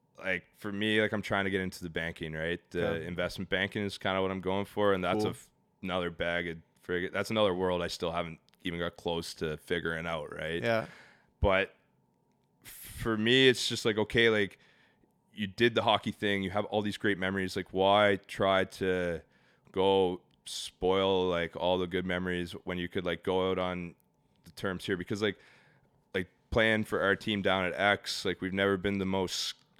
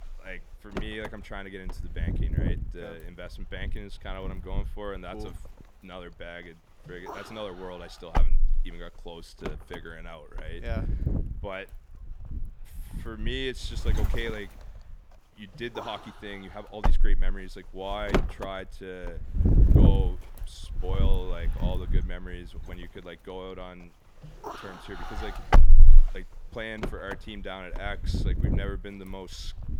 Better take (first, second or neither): first